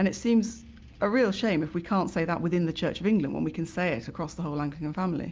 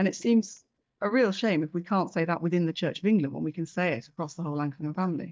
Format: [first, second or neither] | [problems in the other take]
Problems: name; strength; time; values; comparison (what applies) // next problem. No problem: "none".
first | noise reduction (neural mask model DeepFilterNet 3)